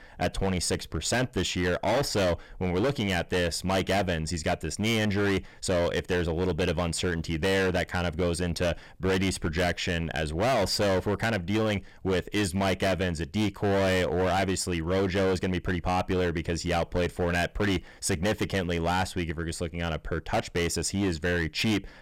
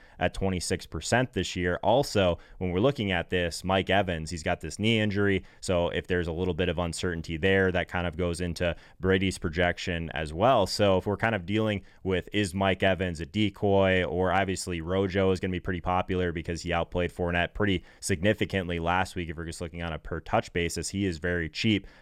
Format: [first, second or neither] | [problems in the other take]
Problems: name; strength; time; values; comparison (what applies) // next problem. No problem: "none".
second | distortion; heavy; 18% of the sound clipped